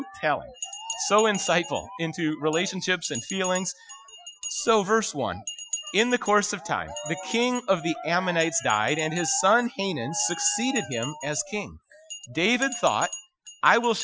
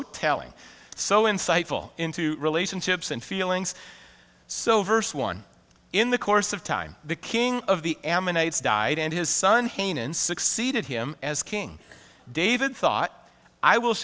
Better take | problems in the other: second | noise reduction (classical method Wiener filter)

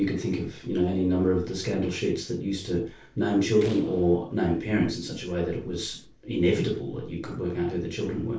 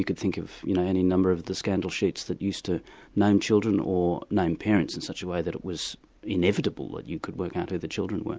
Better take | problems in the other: second | noise reduction (neural separator model SepFormer DNS4)

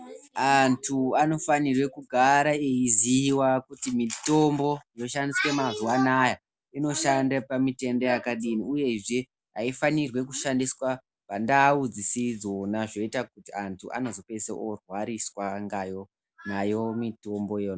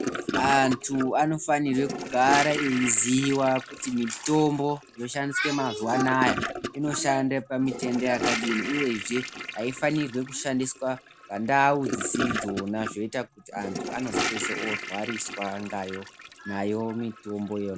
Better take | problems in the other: first | background sound (Toilet flush / Gurgling); 7 dB below the speech

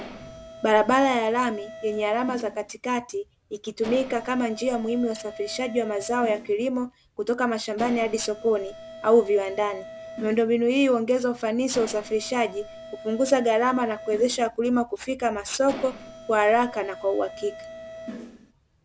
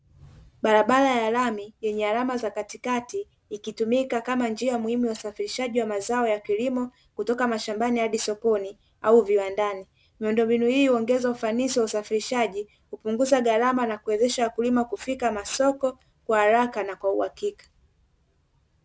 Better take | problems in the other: second | background sound (Mechanisms); 16 dB below the speech

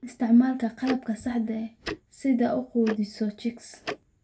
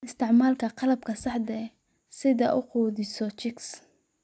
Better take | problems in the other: second | background sound (Tick-tock); 14 dB below the speech // room echo; dies away in 0.2 s

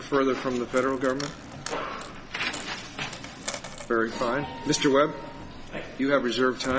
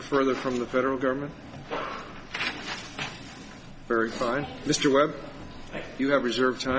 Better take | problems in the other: second | background sound (Wind instrument, woodwind instrument + Coin (dropping)); 15 dB below the speech

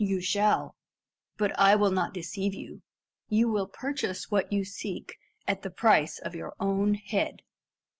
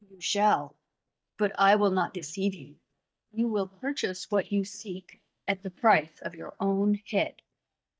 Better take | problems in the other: first | noise reduction (neural mask model DeepFilterNet 3)

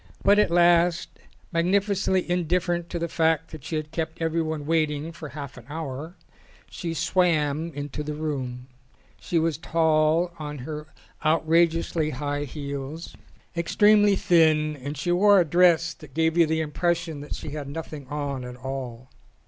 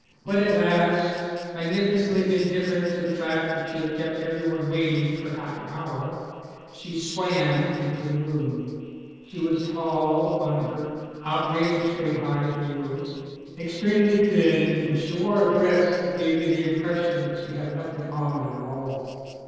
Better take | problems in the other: first | noise reduction (neural separator model SepFormer DNS4)

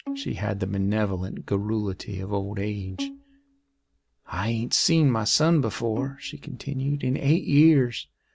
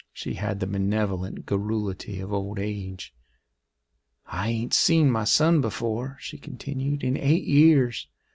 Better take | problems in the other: second | background sound (Bowed string instrument); 16 dB below the speech

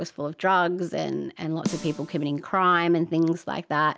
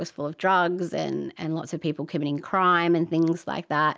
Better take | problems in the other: second | background sound (Snare drum); 13 dB below the speech

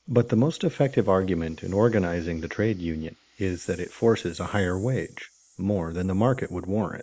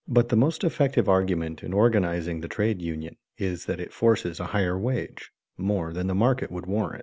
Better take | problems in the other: second | noise reduction (neural mask model Resemble Enhance denoiser)

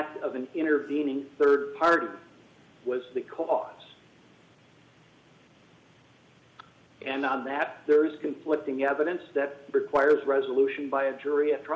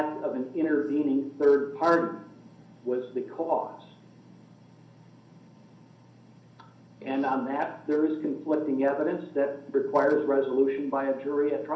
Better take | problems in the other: first | room echo; dies away in 0.6 s

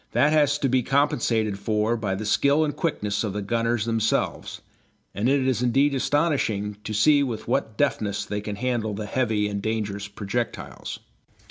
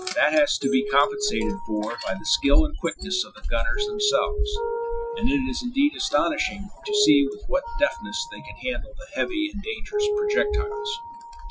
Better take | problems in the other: first | noise reduction (classical method Wiener filter)

